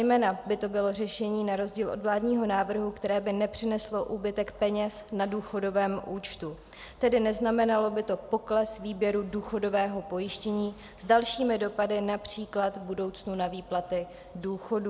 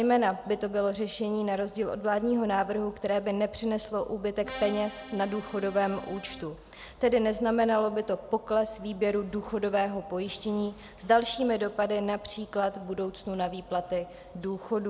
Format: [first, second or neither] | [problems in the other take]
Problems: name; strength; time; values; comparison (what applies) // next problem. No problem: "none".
first | background sound (Accordion); 13 dB below the speech